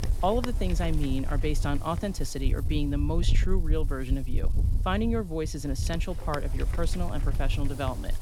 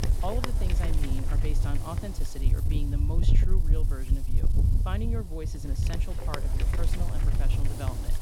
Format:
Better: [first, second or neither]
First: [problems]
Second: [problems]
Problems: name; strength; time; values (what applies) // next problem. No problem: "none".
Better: first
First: wind noise on the microphone; occasional gusts; 10 dB below the speech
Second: wind noise on the microphone; heavy; 1 dB below the speech